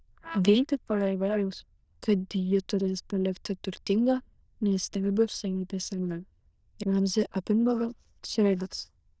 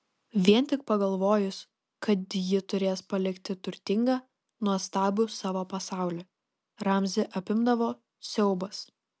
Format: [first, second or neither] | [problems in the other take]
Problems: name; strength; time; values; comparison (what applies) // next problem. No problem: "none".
second | noise reduction (neural diffusion model UNIVERSE++)